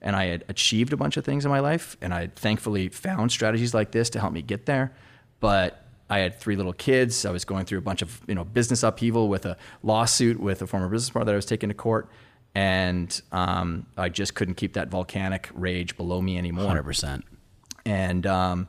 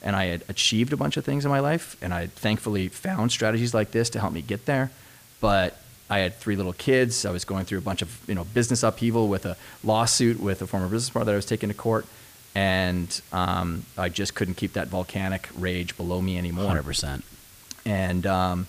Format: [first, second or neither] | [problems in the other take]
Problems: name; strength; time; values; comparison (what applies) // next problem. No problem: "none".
first | hiss; faint; throughout; 25 dB below the speech